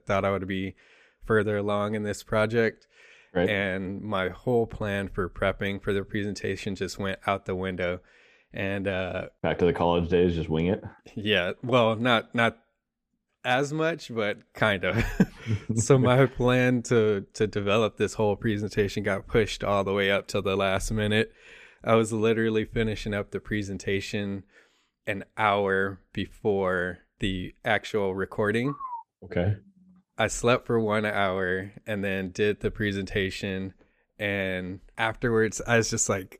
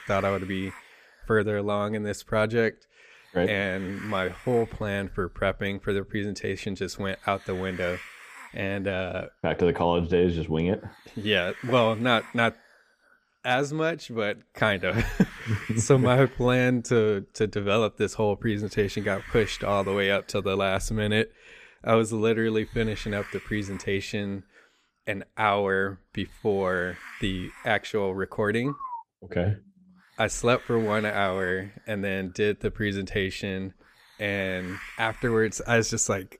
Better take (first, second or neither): first